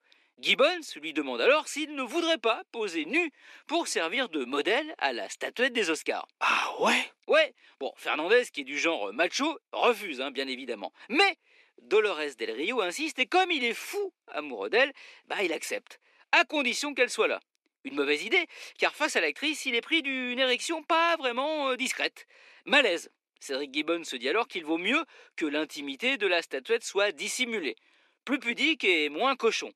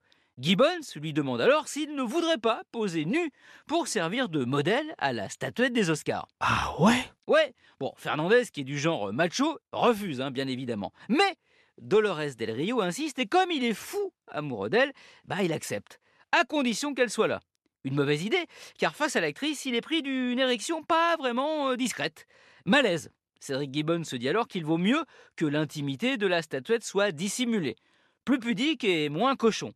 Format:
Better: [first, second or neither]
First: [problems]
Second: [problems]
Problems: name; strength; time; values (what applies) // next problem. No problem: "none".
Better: second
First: thin; very slightly; fading below 300 Hz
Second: none